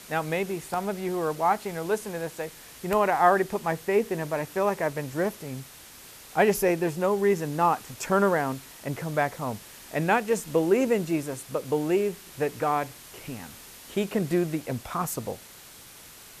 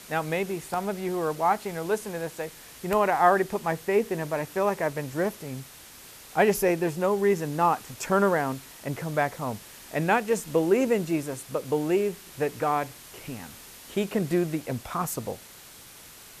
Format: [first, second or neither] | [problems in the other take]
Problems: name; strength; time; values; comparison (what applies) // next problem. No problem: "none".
neither | hiss; noticeable; throughout; 20 dB below the speech; the same in both